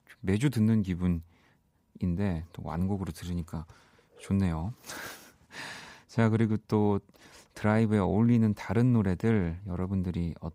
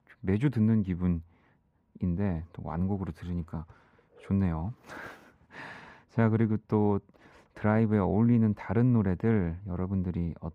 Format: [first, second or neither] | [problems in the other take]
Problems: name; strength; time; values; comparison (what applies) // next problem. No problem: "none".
first | muffled; slightly; fading above 3.5 kHz